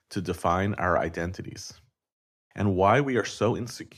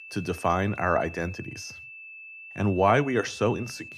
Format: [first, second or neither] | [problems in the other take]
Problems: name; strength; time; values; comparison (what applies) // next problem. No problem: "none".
first | high-pitched whine; noticeable; throughout; 2.5 kHz, 15 dB below the speech